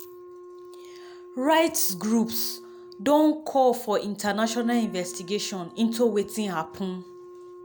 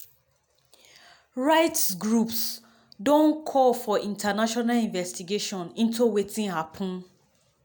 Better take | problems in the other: second | background sound (Wind instrument, woodwind instrument); 18 dB below the speech

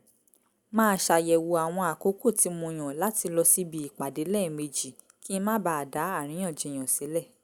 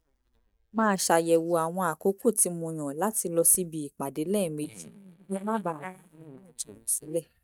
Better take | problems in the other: first | noise reduction (neural mask model DeepFilterNet 3)

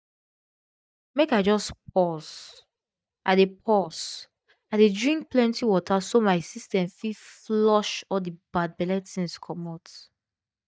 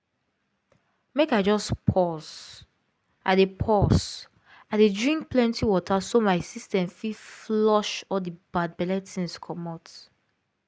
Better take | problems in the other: second | noise reduction (neural mask model DeepFilterNet 3)

